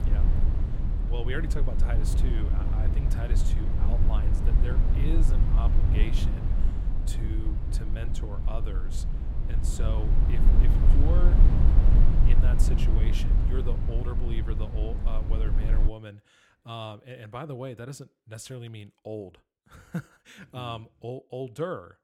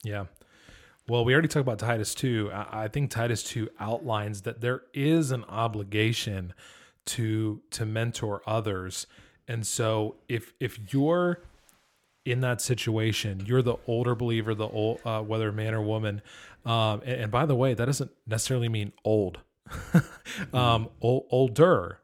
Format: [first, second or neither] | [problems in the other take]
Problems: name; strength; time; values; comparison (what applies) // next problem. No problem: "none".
second | low rumble; loud; until 16 s; 2 dB below the speech